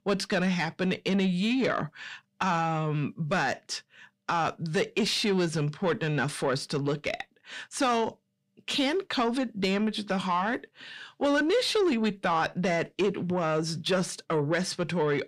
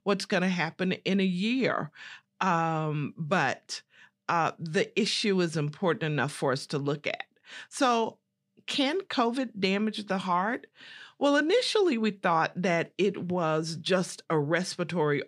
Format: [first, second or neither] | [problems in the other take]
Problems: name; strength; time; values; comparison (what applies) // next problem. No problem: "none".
second | distortion; slight; 10 dB below the speech